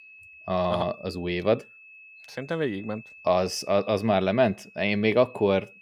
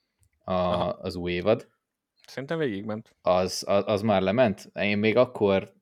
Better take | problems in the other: second | high-pitched whine; faint; throughout; 2.5 kHz, 20 dB below the speech

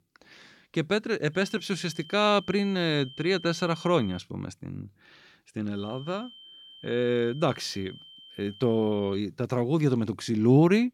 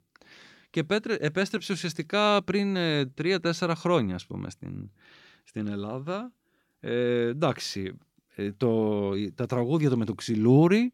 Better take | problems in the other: second | high-pitched whine; noticeable; from 1.5 to 4 s and from 6 to 9 s; 3 kHz, 20 dB below the speech

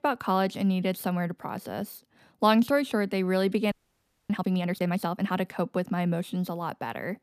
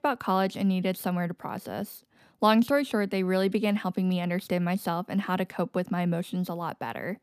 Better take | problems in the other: second | audio freezing; at 3.5 s for 0.5 s

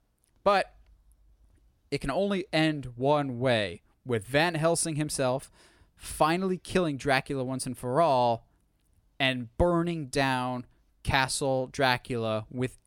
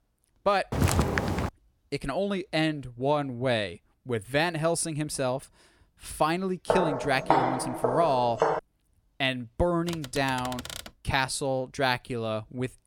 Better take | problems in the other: first | footsteps; loud; at 0.5 s and from 6.5 to 8.5 s; peak 4 dB above the speech // keyboard typing; noticeable; from 10 to 11 s; peak 9 dB below the speech

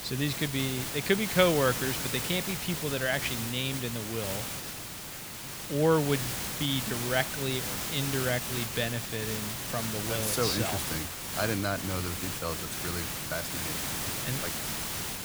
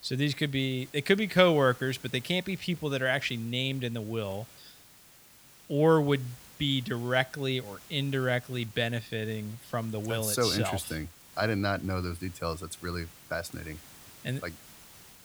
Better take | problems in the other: second | hiss; loud; throughout; 2 dB below the speech; faint in the second

